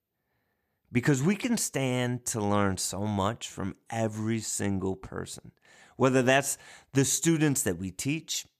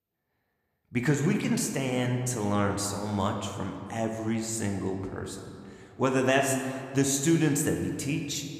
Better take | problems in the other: first | room echo; slight; dies away in 1.9 s

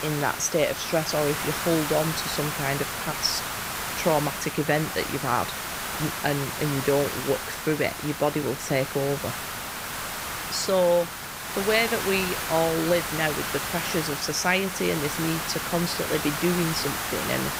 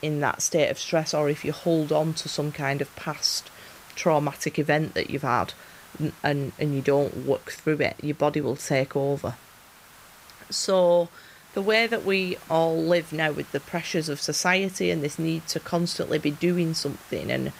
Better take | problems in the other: second | hiss; loud; throughout; 3 dB below the speech; faint in the second

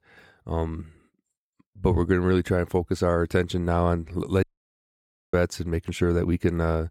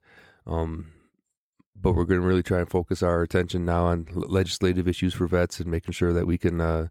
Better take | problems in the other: second | audio cutting out; at 4.5 s for 1 s

